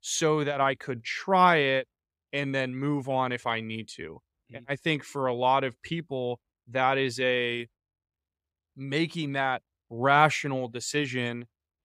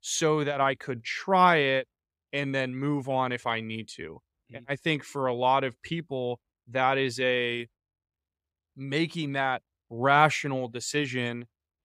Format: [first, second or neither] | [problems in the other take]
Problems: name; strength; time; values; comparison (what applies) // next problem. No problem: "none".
neither | none